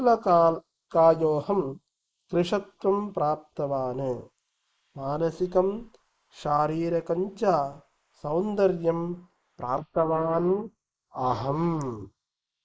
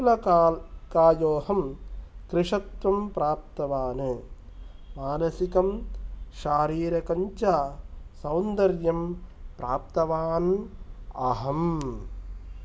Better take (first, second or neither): second